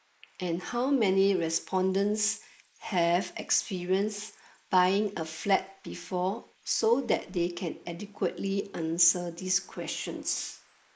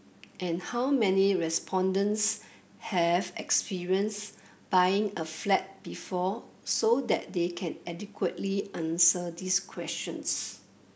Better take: second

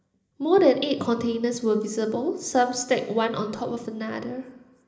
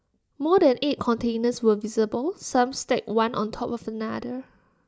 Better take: second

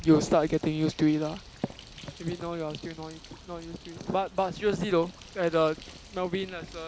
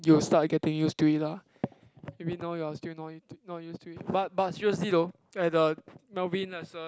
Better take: second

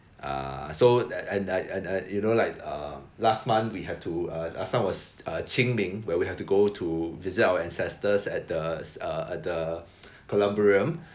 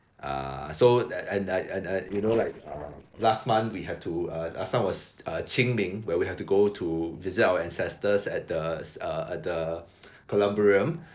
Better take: first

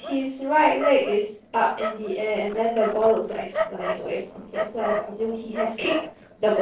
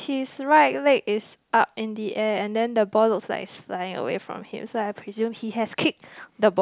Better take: second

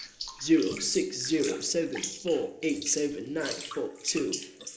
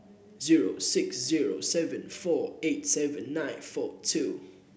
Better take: second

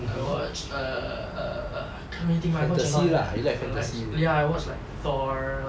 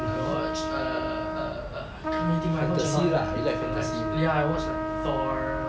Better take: first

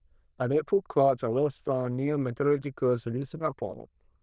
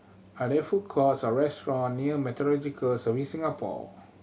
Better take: second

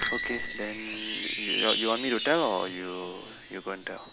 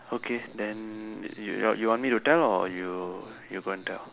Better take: second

